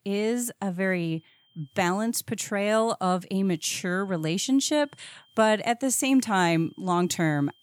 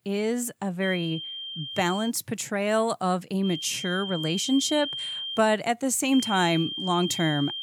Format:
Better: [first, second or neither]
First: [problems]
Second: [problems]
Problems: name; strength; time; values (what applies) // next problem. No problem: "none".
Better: first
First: high-pitched whine; faint; from 1 to 2 s, from 3.5 to 5.5 s and from 6 s on; 3 kHz, 35 dB below the speech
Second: high-pitched whine; loud; from 1 to 2 s, from 3.5 to 5.5 s and from 6 s on; 3 kHz, 6 dB below the speech